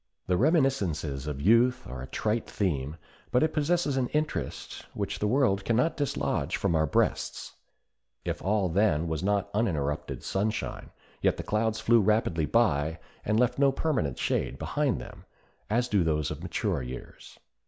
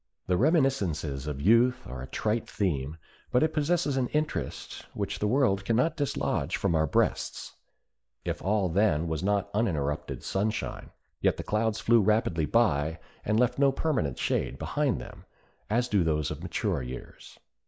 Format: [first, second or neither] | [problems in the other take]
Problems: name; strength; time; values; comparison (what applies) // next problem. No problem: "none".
first | noise reduction (neural mask model Resemble Enhance denoiser)